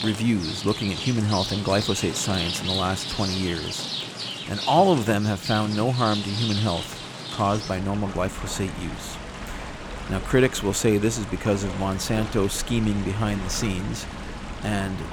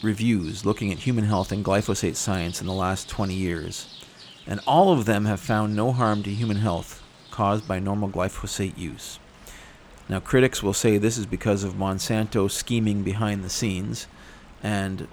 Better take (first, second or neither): second